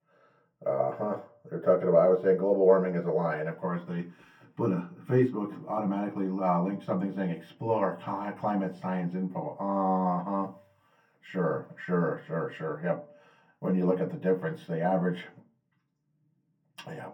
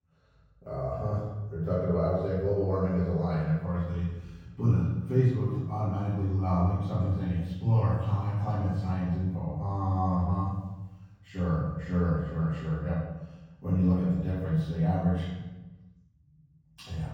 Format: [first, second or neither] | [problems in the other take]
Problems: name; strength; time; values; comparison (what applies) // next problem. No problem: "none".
first | room echo; strong; dies away in 1.4 s; slight in the first // off-mic speech; far; far in the first